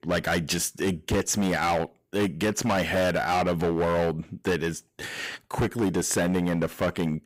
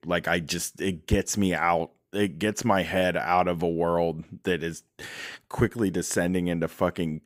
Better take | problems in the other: second | distortion; heavy; 15% of the sound clipped

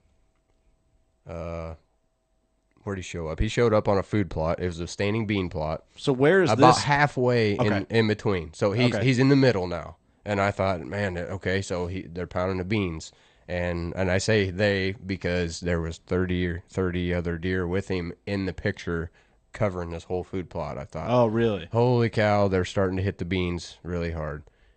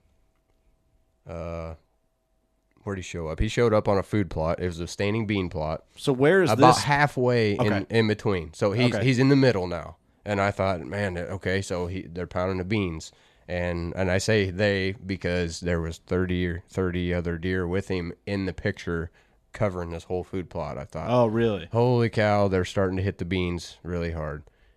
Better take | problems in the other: second | garbled, watery; slightly; nothing above 8.5 kHz

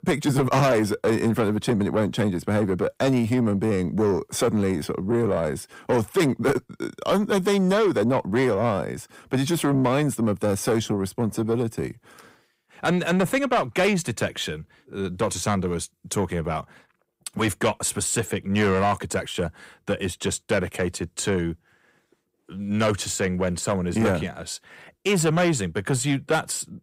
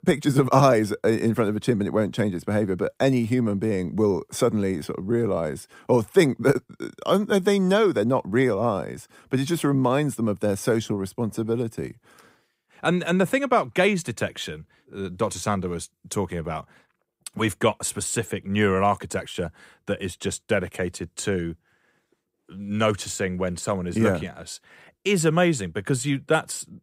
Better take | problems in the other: second | distortion; slight; 10 dB below the speech

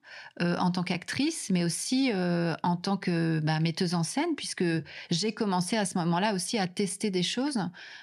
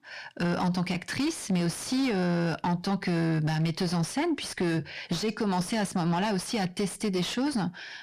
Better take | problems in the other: first | distortion; slight; 10 dB below the speech

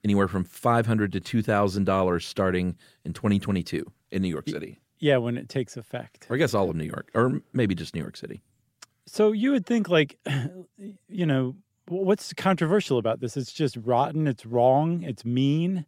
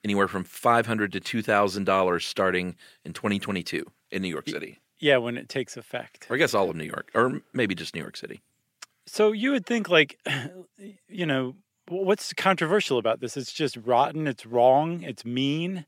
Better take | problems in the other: first | thin; very slightly; fading below 450 Hz

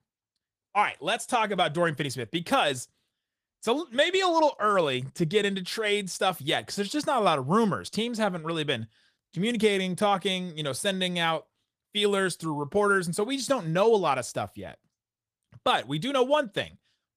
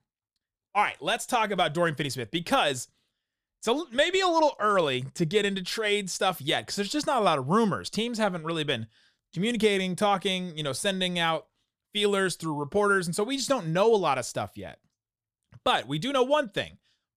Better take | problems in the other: second | garbled, watery; slightly; nothing above 14.5 kHz

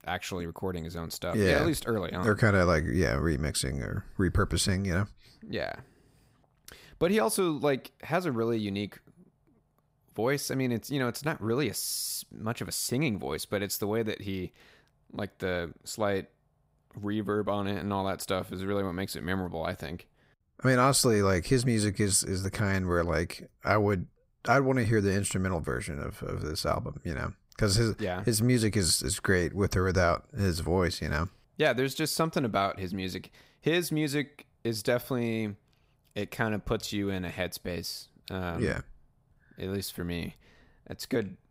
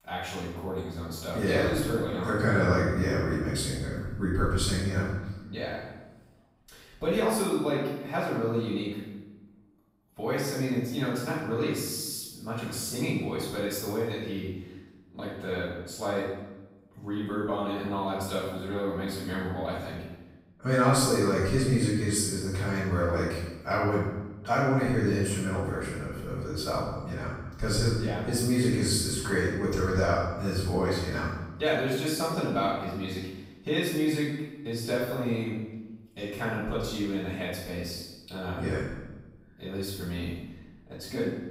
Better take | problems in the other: first | off-mic speech; far // room echo; strong; dies away in 0.9 s

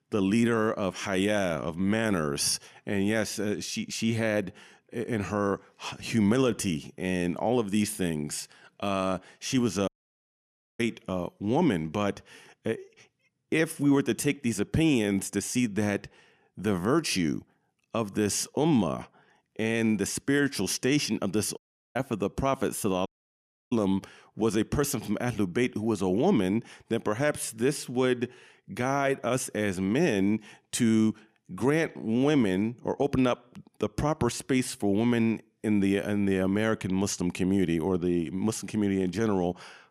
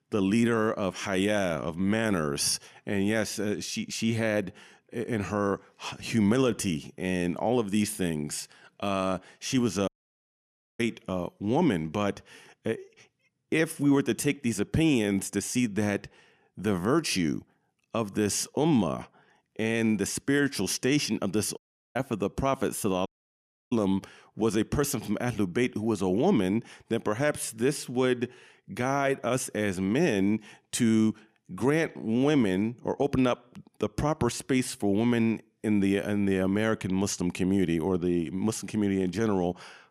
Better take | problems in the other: neither | audio cutting out; at 10 s for 1 s, at 22 s and at 23 s for 0.5 s; the same in both

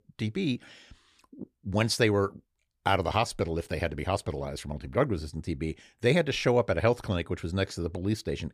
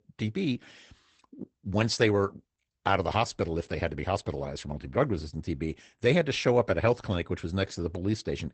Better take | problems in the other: first | garbled, watery; badly; nothing above 8 kHz

